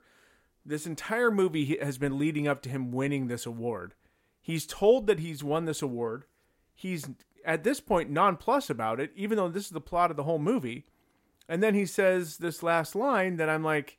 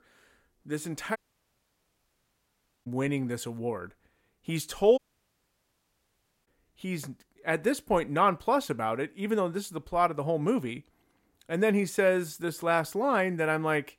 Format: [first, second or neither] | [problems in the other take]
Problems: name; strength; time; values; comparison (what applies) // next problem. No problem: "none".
first | audio cutting out; at 1 s for 1.5 s and at 5 s for 1.5 s